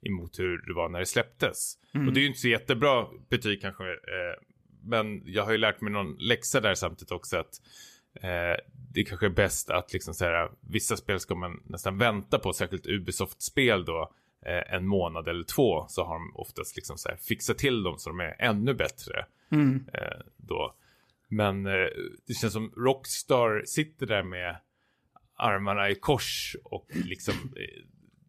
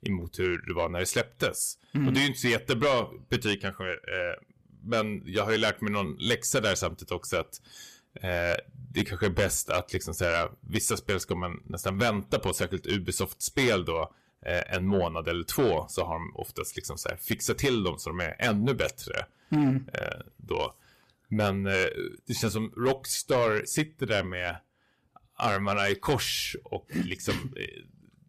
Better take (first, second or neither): first